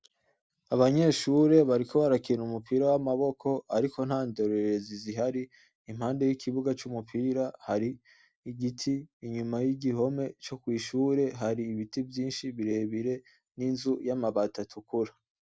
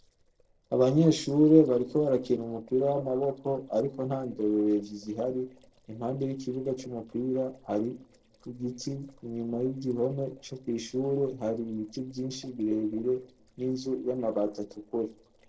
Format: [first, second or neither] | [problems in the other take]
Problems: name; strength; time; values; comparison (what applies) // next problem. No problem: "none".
first | noise reduction (neural separator model SepFormer DNS4)